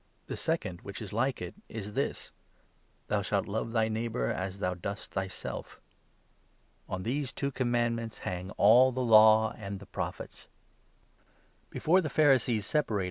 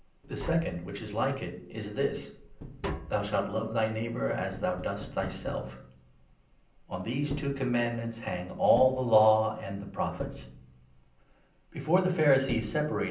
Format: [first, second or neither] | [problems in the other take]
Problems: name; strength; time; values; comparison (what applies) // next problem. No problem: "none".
first | background sound (Tap); 14 dB below the speech // room echo; dies away in 0.6 s